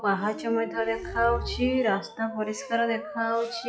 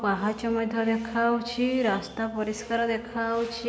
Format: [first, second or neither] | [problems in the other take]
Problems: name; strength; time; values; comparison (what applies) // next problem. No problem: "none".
second | noise reduction (classical method log-MMSE)